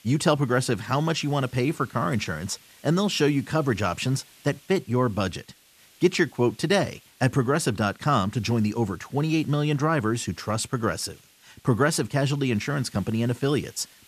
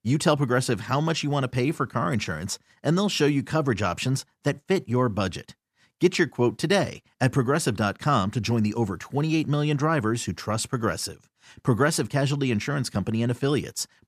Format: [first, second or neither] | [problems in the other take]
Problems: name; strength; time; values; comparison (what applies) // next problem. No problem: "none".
second | hiss; faint; throughout; 25 dB below the speech